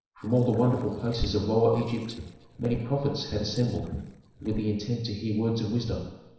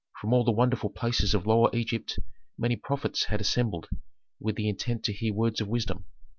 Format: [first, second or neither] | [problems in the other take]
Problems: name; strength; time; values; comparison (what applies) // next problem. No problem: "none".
second | noise reduction (neural separator model SepFormer DNS4)